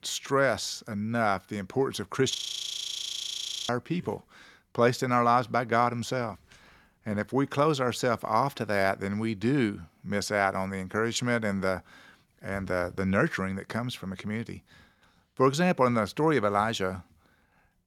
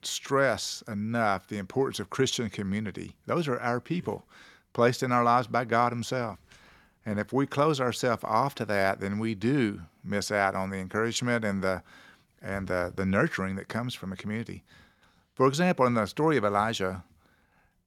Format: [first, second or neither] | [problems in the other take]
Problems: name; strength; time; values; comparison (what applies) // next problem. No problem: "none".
second | audio freezing; at 2.5 s for 1.5 s